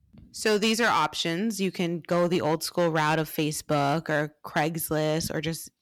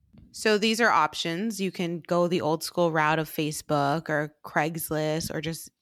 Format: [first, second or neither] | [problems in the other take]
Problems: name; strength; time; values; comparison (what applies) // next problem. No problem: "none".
second | distortion; slight; 5% of the sound clipped